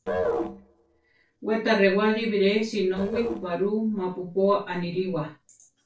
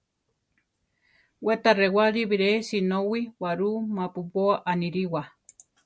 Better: second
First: noise reduction (neural separator model SepFormer DNS4)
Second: none

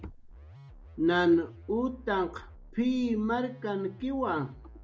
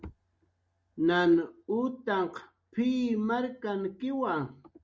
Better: second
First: background sound (Musical instrument); 18 dB below the speech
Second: none

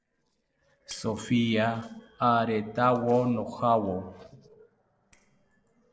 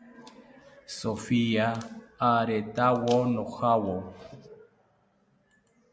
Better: second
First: noise reduction (neural separator model SepFormer DNS4)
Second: none

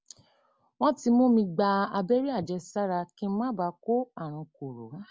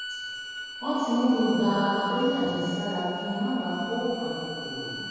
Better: first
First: none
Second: background sound (Bowed string instrument); 10 dB below the speech // room echo; dies away in 2.1 s

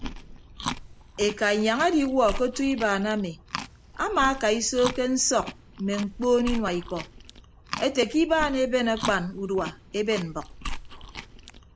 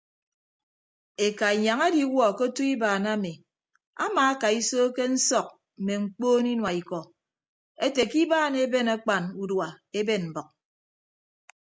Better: second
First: background sound (Chewing, mastication); 11 dB below the speech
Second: none

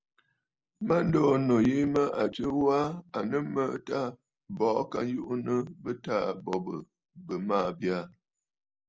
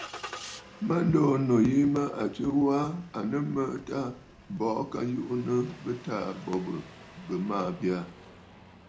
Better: first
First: none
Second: background sound (Engine starting); 19 dB below the speech // room echo; dies away in 0.3 s

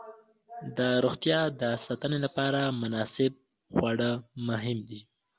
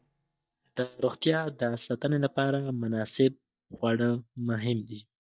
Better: first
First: none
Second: noise reduction (neural mask model DeepFilterNet 3)

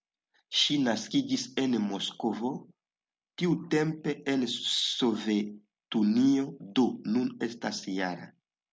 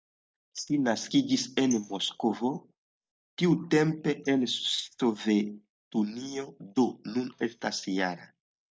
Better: first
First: none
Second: noise reduction (neural mask model DeepFilterNet 3)

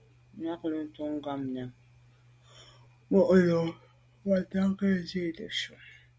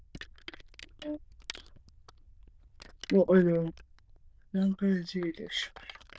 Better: first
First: none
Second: noise reduction (neural diffusion model UNIVERSE++)

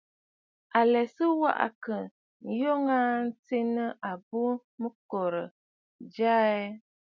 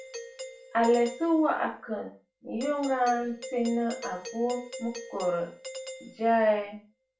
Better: first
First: none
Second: background sound (Doorbell); 14 dB below the speech // room echo; dies away in 0.3 s

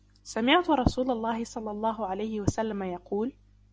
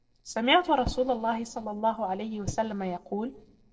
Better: first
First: none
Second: noise reduction (neural separator model SepFormer DNS4)

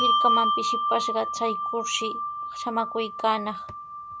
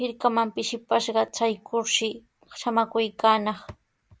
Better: second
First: background sound (Bell); 3 dB above the speech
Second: none

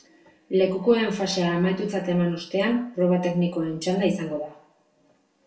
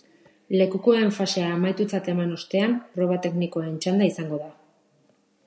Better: second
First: room echo; dies away in 0.3 s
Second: none

